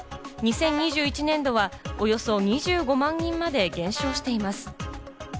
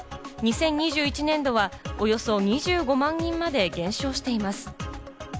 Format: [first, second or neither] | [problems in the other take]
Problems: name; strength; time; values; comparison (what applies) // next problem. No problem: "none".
second | background sound (Brass instrument); 13 dB below the speech